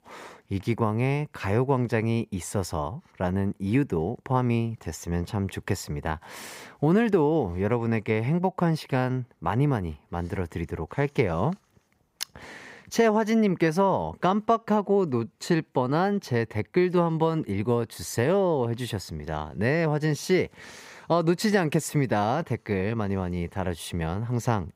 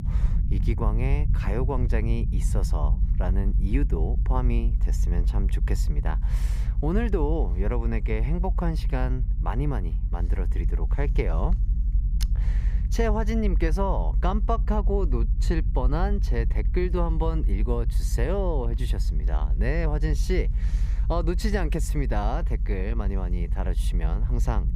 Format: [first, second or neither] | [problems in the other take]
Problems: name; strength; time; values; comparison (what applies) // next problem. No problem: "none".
first | low rumble; noticeable; throughout; 15 dB below the speech